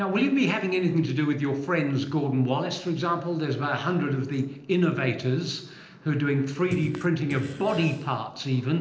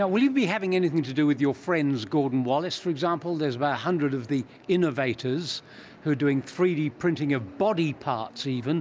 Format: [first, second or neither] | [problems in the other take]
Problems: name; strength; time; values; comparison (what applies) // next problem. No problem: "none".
second | noise reduction (neural separator model SepFormer DNS4)